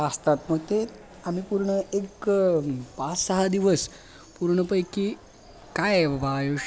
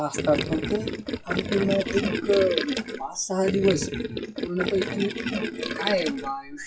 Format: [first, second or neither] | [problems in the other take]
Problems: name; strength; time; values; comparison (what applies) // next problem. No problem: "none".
first | noise reduction (classical method WPE with log-MMSE)